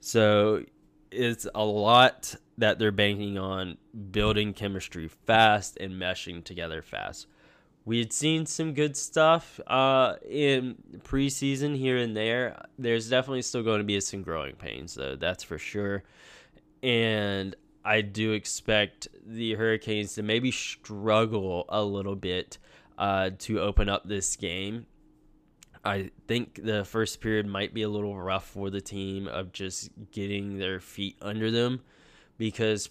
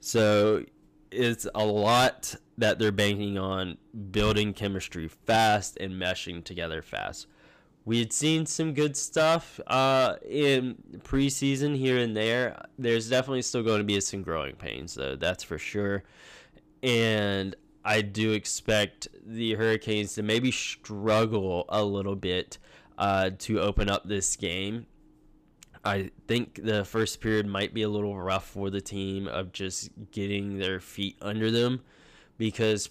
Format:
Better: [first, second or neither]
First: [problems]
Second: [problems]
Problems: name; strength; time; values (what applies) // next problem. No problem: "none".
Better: first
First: none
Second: distortion; slight; 3% of the sound clipped